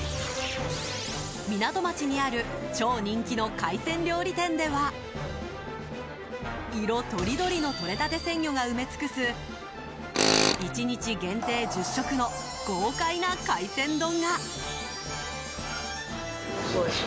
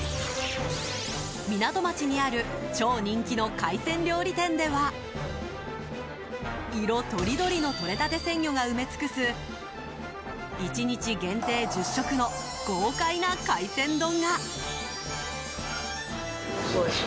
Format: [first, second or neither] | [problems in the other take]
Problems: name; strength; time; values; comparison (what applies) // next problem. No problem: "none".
second | background sound (Tools); 1 dB below the speech